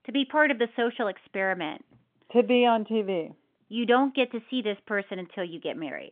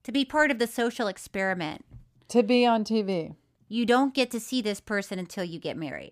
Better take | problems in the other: second | phone-call audio; nothing above 3.5 kHz

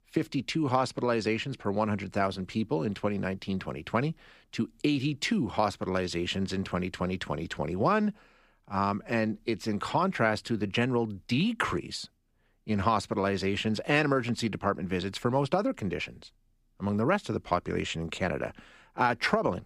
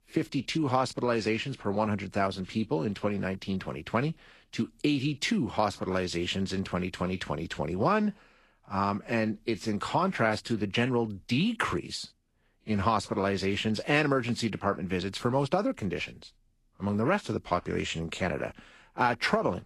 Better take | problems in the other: first | garbled, watery; slightly; nothing above 11.5 kHz

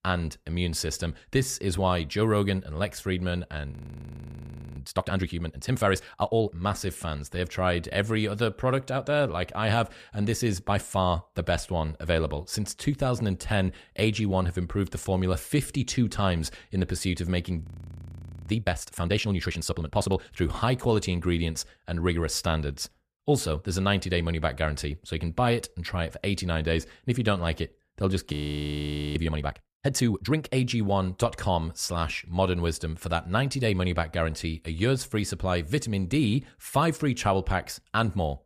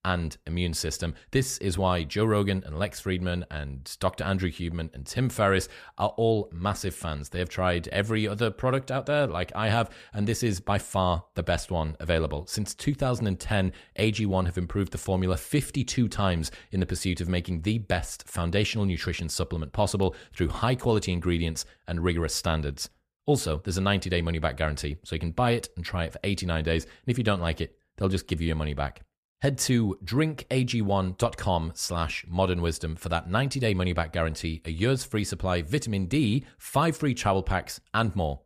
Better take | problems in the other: second | audio freezing; at 3.5 s for 1 s, at 18 s for 1 s and at 28 s for 1 s

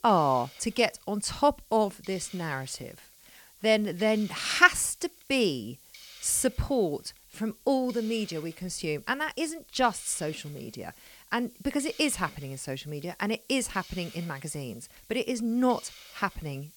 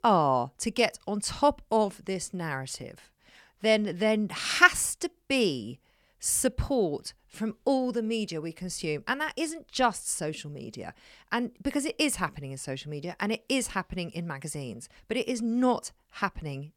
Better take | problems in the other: second | hiss; faint; throughout; 20 dB below the speech

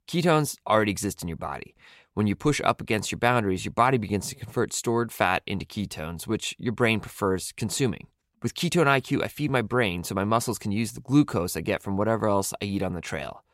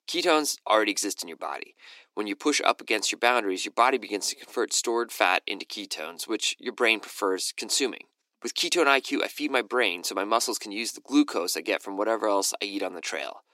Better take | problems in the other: first | thin; somewhat; fading below 300 Hz

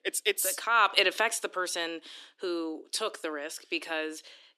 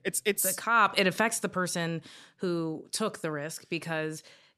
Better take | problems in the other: second | thin; very; fading below 300 Hz

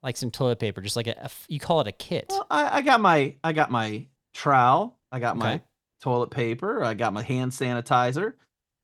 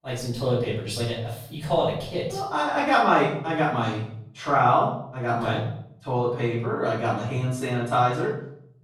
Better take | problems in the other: first | off-mic speech; far // room echo; noticeable; dies away in 0.6 s

